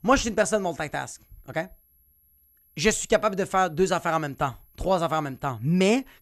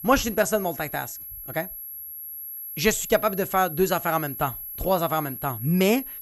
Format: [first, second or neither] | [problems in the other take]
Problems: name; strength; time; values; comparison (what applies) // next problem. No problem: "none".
first | high-pitched whine; loud; throughout; 11.5 kHz, 9 dB below the speech; faint in the first